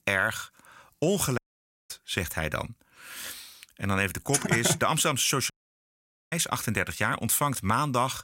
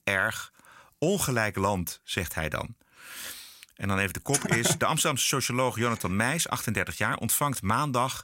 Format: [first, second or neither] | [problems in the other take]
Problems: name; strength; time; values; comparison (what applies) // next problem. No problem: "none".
second | audio cutting out; at 1.5 s for 0.5 s and at 5.5 s for 1 s